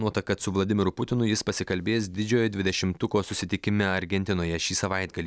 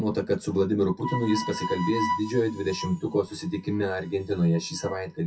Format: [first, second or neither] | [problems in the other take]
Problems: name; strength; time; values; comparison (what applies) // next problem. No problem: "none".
first | noise reduction (classical method WPE with log-MMSE)